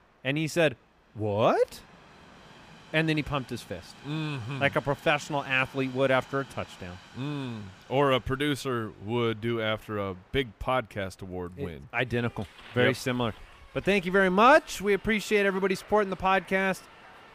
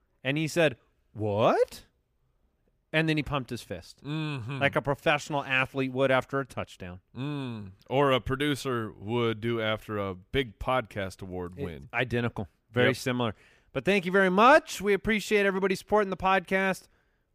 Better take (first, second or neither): second